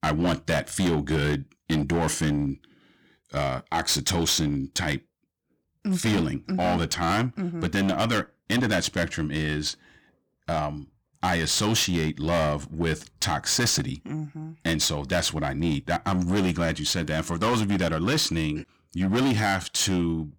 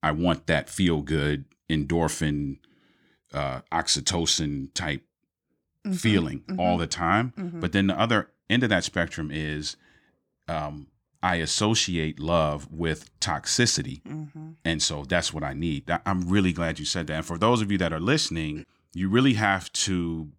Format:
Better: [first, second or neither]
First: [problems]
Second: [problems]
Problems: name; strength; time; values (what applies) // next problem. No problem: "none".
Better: second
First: distortion; heavy; 13% of the sound clipped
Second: none